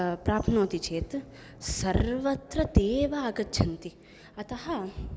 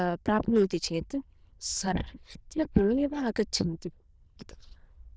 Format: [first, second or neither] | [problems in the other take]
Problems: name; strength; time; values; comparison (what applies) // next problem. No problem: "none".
first | noise reduction (neural diffusion model UNIVERSE++)